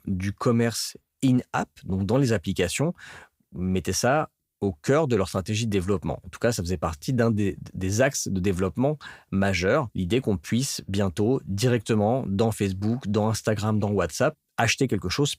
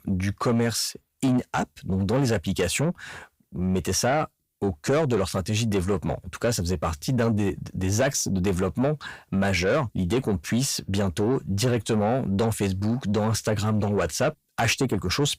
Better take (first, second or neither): first